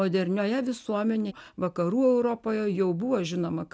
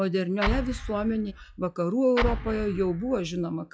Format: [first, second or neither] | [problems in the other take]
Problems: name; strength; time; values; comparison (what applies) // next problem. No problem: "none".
first | noise reduction (classical method log-MMSE)